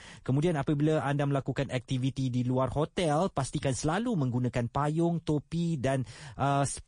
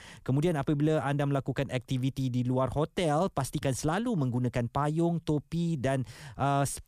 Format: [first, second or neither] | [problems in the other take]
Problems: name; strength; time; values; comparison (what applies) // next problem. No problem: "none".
second | garbled, watery; slightly; nothing above 10 kHz